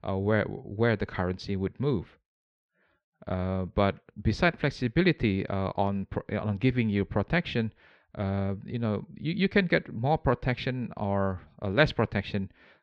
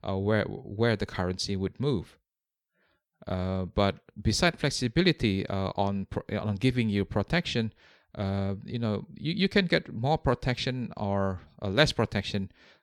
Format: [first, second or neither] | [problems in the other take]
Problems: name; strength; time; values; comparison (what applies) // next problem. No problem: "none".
second | muffled; slightly; fading above 2.5 kHz